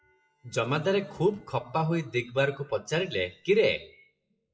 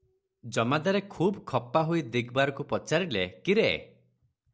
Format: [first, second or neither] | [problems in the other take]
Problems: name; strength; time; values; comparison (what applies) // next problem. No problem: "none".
second | noise reduction (classical method WPE with log-MMSE)